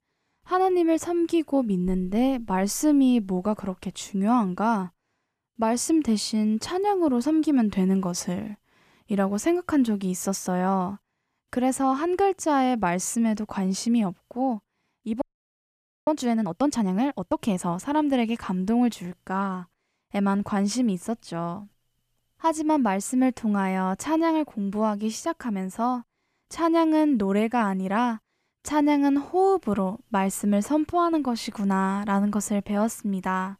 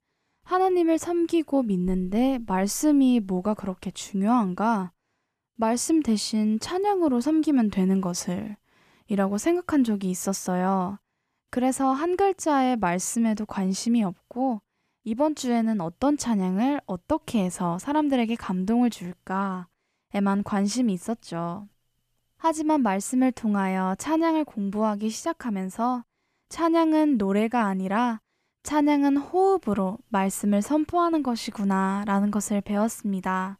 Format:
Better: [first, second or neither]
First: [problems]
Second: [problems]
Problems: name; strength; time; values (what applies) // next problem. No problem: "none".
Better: second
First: audio freezing; at 15 s for 1 s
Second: none